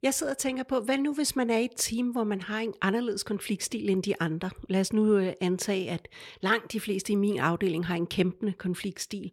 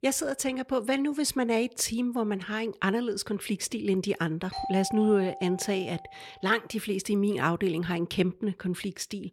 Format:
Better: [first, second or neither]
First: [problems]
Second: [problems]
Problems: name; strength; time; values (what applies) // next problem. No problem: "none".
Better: first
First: none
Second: doorbell; noticeable; from 4.5 to 6.5 s; peak 6 dB below the speech